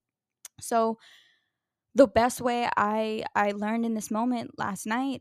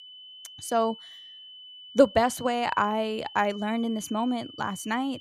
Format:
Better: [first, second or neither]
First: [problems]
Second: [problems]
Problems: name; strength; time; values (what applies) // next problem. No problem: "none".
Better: first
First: none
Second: high-pitched whine; noticeable; throughout; 3 kHz, 15 dB below the speech